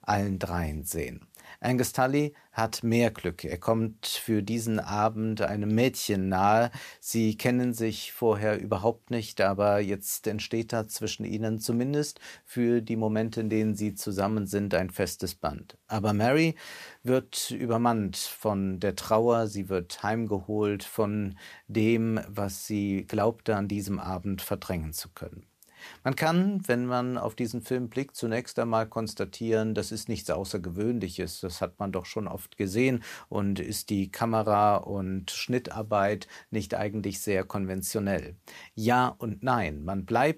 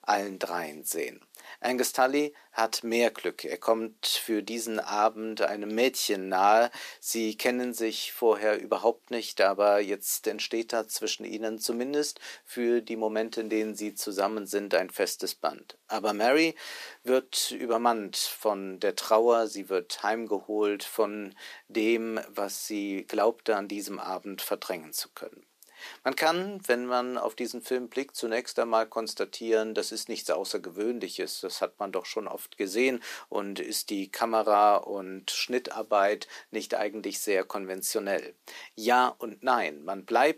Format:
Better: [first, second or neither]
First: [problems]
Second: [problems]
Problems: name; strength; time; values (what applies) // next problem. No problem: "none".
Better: first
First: none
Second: thin; somewhat; fading below 300 Hz